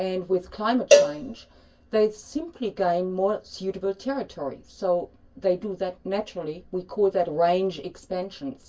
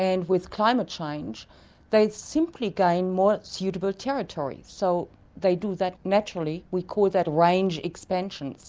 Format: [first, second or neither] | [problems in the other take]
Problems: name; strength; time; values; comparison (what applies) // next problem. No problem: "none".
second | background sound (Cowbell); 3 dB above the speech // room echo; dies away in 0.1 s